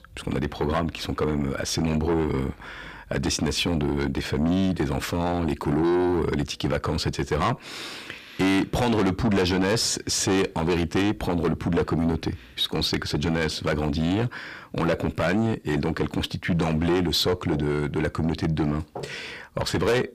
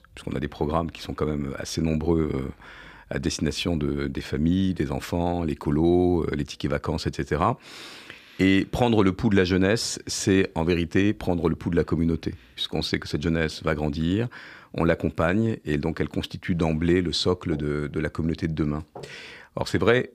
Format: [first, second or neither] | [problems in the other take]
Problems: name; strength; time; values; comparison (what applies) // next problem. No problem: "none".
second | distortion; heavy; 6 dB below the speech